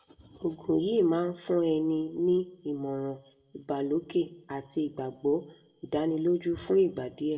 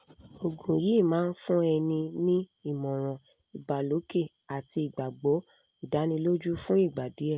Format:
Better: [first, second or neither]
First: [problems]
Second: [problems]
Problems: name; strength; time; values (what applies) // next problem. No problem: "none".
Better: second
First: room echo; dies away in 0.5 s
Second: none